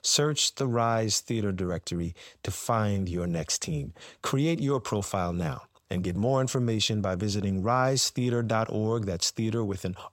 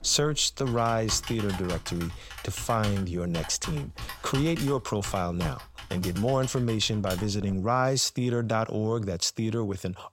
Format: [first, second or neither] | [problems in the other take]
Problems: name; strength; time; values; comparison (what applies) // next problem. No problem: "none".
first | keyboard typing; noticeable; until 7.5 s; peak 8 dB below the speech